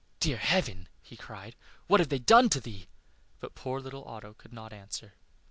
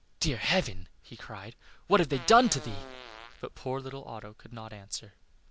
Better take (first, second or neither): first